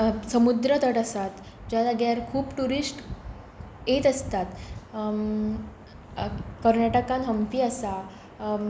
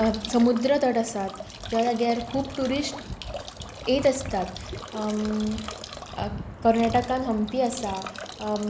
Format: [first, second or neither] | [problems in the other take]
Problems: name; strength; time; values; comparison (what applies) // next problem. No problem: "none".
first | background sound (Drip / Trickle, dribble / Bathtub (filling or washing)); 15 dB below the speech